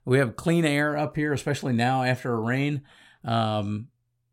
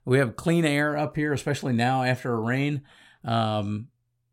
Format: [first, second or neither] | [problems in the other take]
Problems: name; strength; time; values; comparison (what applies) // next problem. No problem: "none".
neither | none